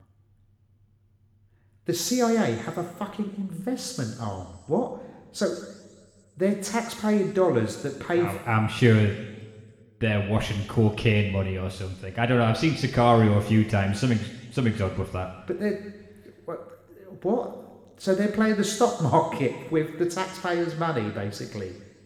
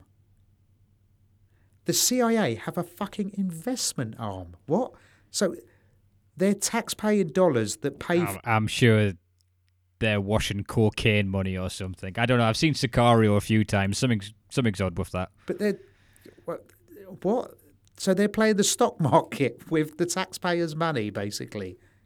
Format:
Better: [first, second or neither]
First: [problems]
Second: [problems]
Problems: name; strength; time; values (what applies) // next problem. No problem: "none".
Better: second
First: room echo; noticeable; dies away in 1.6 s // off-mic speech; somewhat distant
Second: none